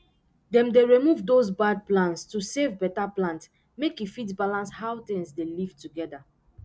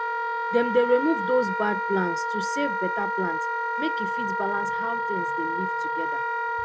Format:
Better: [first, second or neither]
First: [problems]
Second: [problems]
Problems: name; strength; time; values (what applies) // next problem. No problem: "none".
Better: first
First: none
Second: background sound (Wind instrument, woodwind instrument); 1 dB above the speech